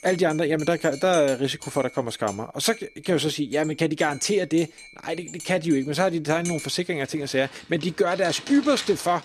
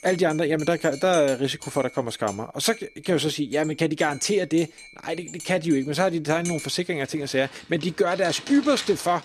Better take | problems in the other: neither | household noises; noticeable; throughout; 15 dB below the speech; the same in both

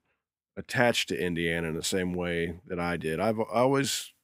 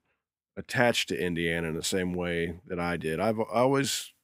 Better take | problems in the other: neither | none

